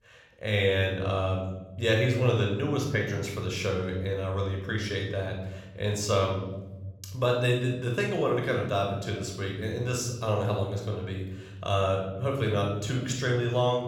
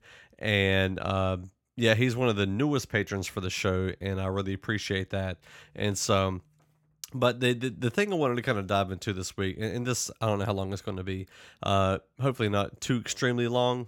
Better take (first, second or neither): second